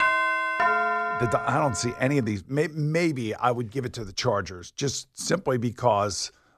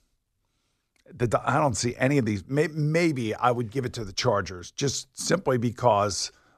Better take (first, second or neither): second